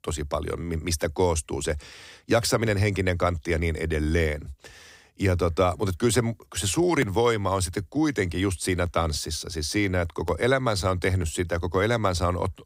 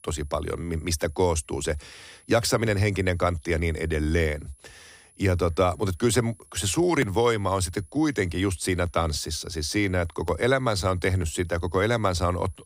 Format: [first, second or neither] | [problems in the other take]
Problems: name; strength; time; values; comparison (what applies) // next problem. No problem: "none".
first | high-pitched whine; faint; throughout; 10.5 kHz, 30 dB below the speech